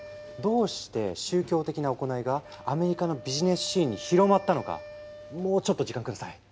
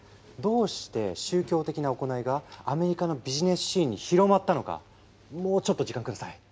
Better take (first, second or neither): second